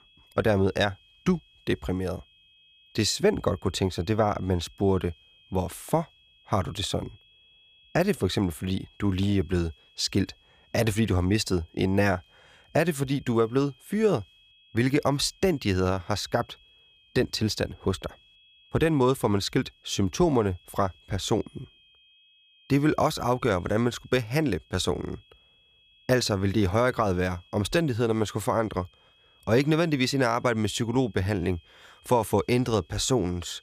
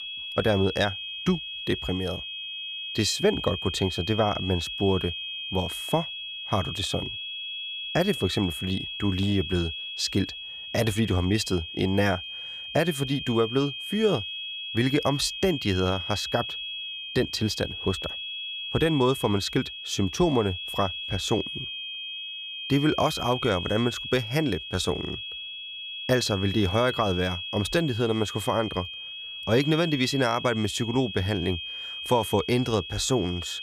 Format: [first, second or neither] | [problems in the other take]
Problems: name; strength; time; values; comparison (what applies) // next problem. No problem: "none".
first | high-pitched whine; loud; throughout; 3.5 kHz, 6 dB below the speech; faint in the first